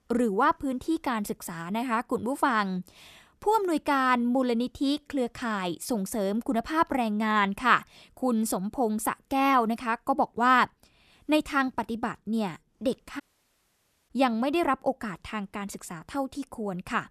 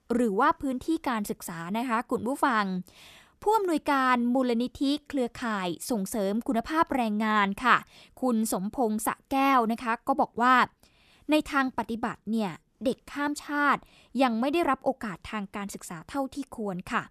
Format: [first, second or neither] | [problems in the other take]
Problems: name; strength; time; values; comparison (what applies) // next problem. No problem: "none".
second | audio cutting out; at 13 s for 1 s